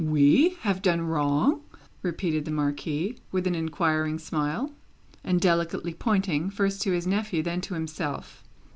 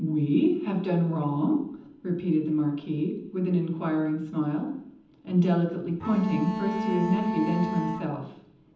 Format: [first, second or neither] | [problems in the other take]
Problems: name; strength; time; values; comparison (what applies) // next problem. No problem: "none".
first | background sound (Bowed string instrument); 4 dB below the speech // room echo; dies away in 0.8 s